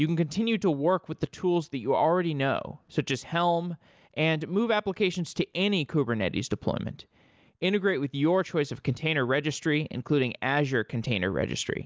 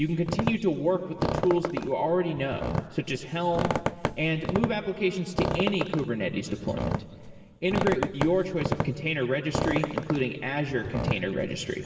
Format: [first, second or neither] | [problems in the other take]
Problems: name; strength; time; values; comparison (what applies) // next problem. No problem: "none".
first | background sound (Squeak); 4 dB below the speech // room echo; dies away in 2.5 s